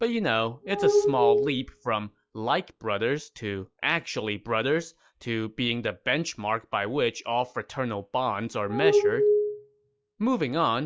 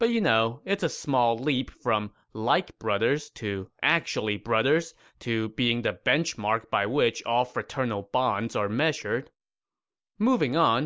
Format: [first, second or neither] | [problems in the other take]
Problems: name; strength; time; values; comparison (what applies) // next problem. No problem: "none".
second | noise reduction (classical method log-MMSE)